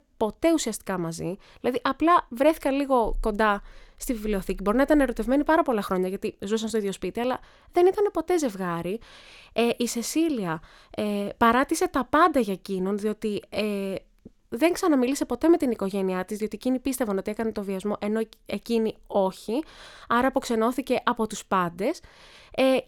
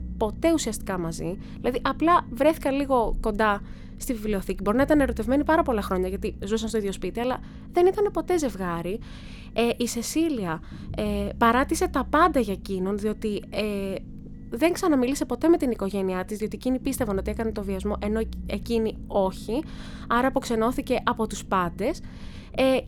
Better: first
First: none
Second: low rumble; faint; throughout; 25 dB below the speech

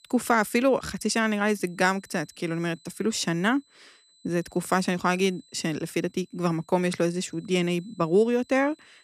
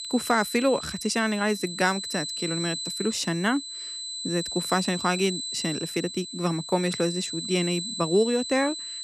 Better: first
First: high-pitched whine; faint; throughout; 4 kHz, 30 dB below the speech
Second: high-pitched whine; loud; throughout; 4 kHz, 5 dB below the speech

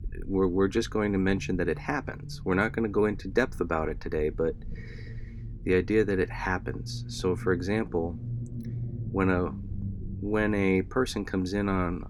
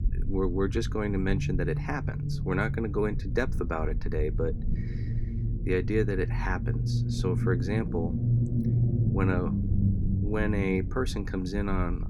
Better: first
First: low rumble; faint; throughout; 20 dB below the speech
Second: low rumble; loud; throughout; 9 dB below the speech

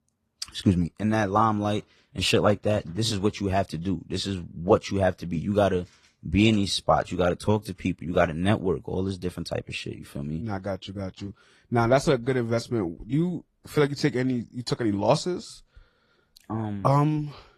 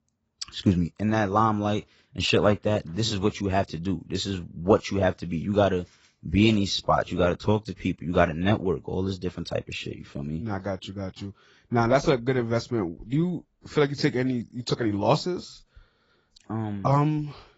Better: first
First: garbled, watery; slightly; nothing above 13.5 kHz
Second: garbled, watery; badly; nothing above 7.5 kHz

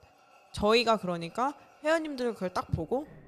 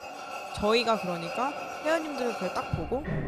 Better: first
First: machinery noise; faint; throughout; 30 dB below the speech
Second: machinery noise; loud; throughout; 6 dB below the speech

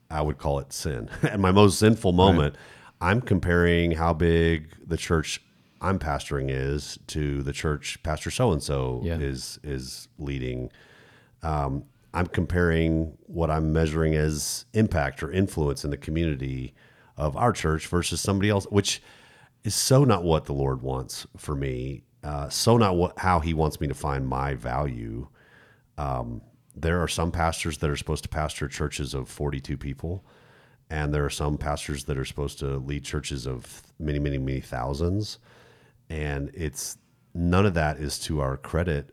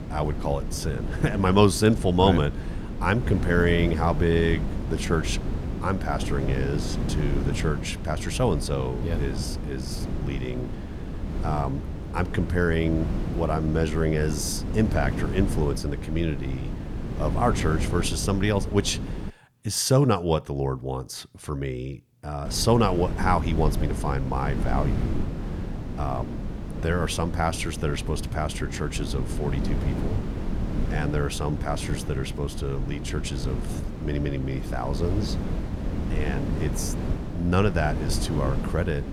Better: first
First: none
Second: wind noise on the microphone; heavy; until 19 s and from 22 s on; 10 dB below the speech

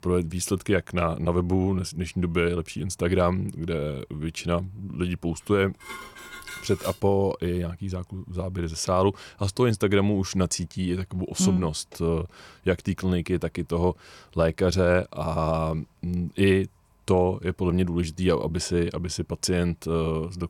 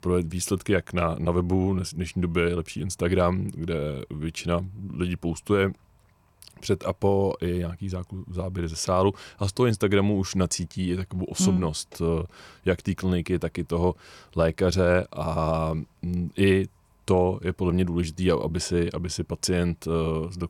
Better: second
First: clattering dishes; faint; from 6 to 7 s; peak 10 dB below the speech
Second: none

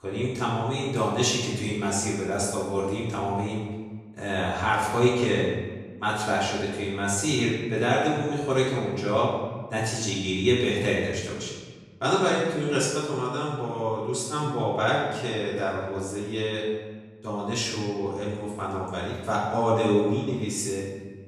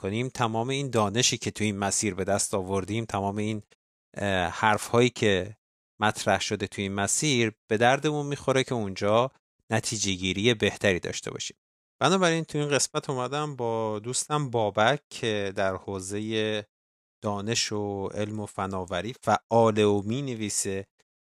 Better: second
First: off-mic speech; far // room echo; noticeable; dies away in 1.2 s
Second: none

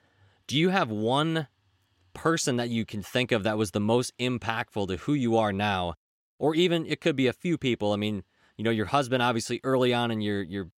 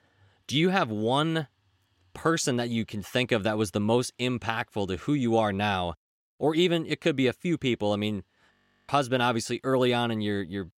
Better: first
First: none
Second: audio freezing; at 8.5 s

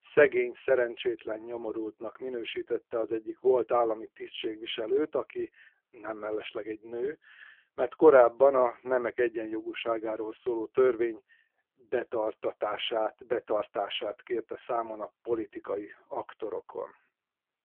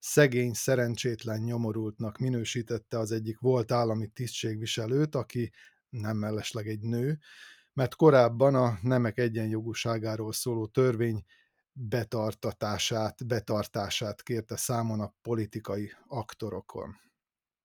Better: second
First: phone-call audio; poor line; nothing above 3.5 kHz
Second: none

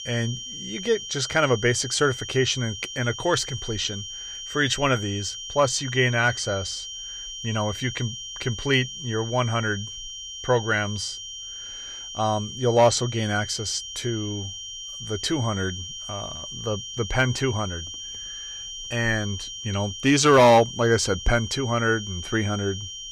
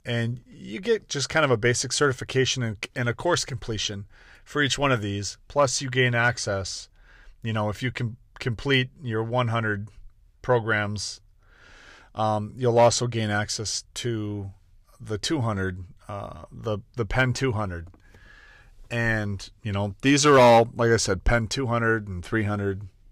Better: second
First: high-pitched whine; loud; throughout; 3 kHz, 9 dB below the speech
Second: none

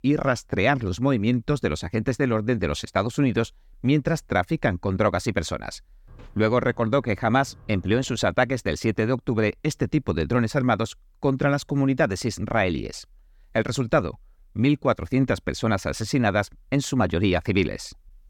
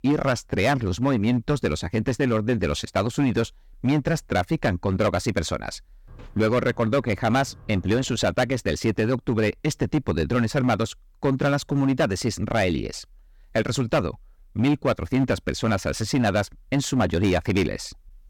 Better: first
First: none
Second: distortion; slight; 7% of the sound clipped

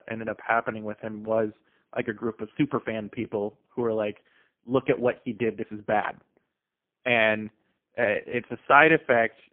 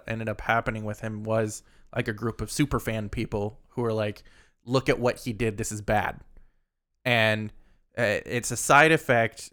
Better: second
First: phone-call audio; poor line; nothing above 3.5 kHz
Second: none

